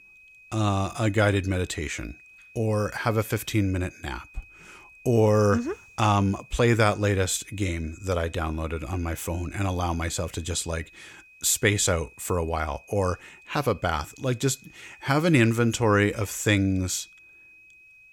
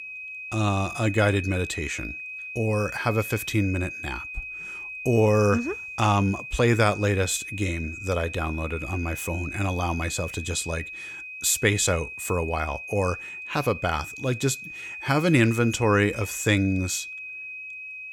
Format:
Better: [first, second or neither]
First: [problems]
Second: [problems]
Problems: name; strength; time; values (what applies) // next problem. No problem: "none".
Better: first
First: high-pitched whine; faint; throughout; 2.5 kHz, 25 dB below the speech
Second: high-pitched whine; loud; throughout; 2.5 kHz, 9 dB below the speech